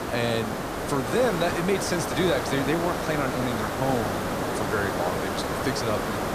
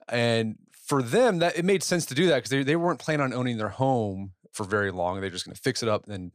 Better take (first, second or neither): second